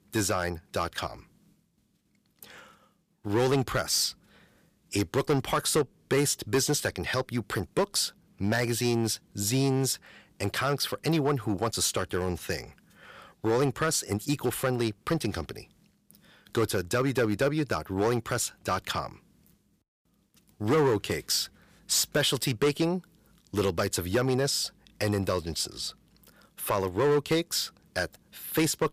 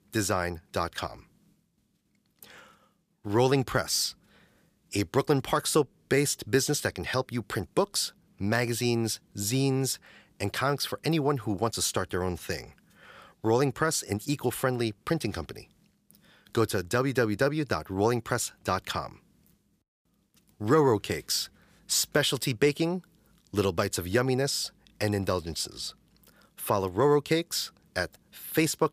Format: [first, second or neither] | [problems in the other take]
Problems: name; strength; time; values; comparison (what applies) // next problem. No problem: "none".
second | distortion; slight; 4% of the sound clipped